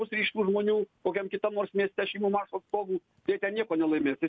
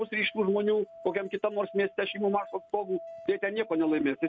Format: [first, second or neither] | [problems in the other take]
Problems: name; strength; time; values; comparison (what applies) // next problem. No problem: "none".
first | background sound (Musical instrument); 18 dB below the speech